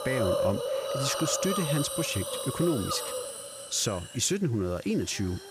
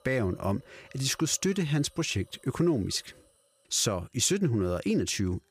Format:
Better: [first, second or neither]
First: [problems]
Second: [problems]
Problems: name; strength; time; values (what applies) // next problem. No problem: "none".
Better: second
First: hiss; loud; throughout; 2 dB below the speech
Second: hiss; faint; throughout; 30 dB below the speech